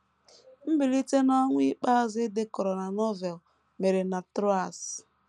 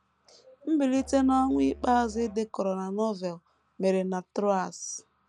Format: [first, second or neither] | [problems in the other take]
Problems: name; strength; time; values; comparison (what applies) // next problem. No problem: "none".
first | background sound (Musical instrument); 19 dB below the speech